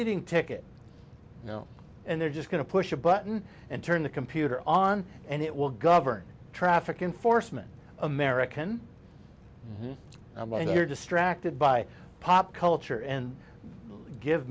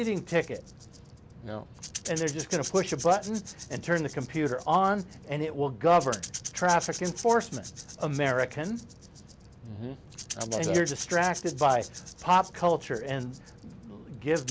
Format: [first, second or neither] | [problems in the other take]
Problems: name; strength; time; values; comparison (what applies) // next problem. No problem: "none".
first | background sound (Rattle / Rattle (instrument)); 14 dB below the speech